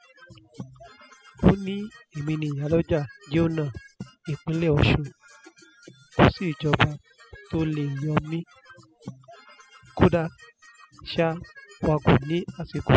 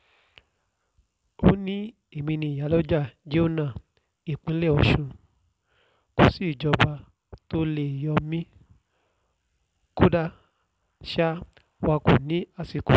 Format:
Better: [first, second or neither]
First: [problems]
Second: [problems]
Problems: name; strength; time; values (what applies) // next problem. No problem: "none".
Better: second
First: noise reduction (classical method spectral subtraction)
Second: none